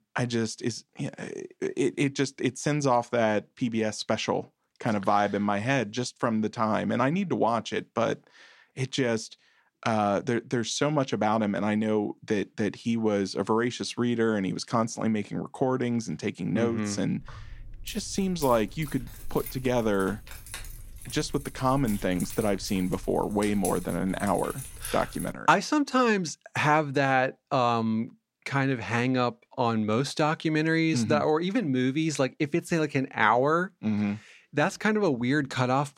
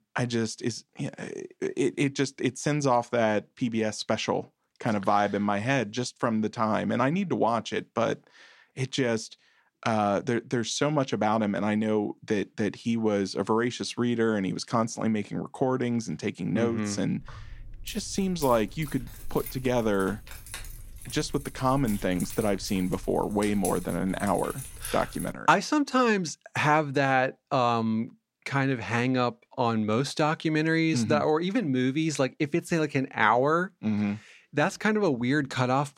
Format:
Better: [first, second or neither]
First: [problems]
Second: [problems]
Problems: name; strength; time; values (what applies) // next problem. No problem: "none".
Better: neither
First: jangling keys; noticeable; from 17 to 25 s; peak 9 dB below the speech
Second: jangling keys; noticeable; from 17 to 25 s; peak 9 dB below the speech